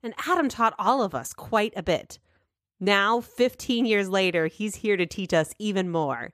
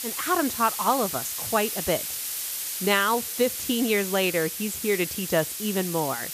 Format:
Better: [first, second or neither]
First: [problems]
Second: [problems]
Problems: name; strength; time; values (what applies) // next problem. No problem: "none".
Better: first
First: none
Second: hiss; loud; throughout; 4 dB below the speech